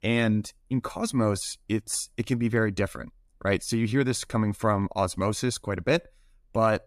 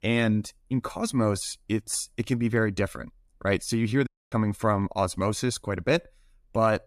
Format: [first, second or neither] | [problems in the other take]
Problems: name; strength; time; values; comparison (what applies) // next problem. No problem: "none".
first | audio cutting out; at 4 s